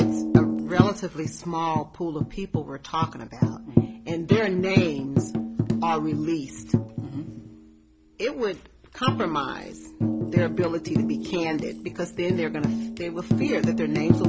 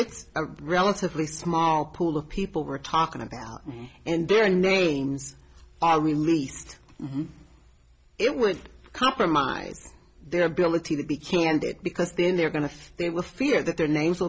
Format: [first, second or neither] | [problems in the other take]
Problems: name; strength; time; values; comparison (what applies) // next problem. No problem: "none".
second | background sound (Tambourine); 3 dB above the speech